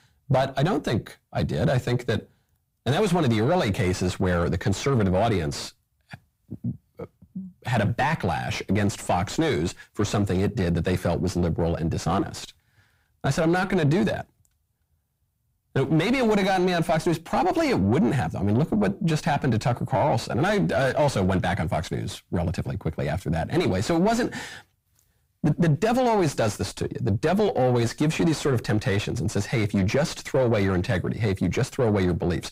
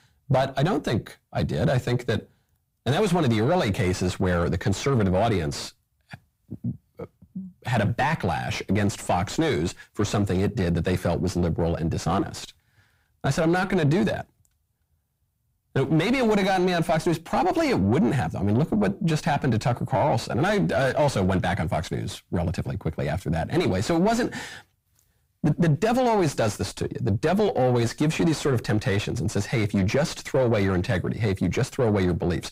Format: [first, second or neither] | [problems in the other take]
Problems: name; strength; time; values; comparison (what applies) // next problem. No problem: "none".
neither | distortion; heavy; 6 dB below the speech; the same in both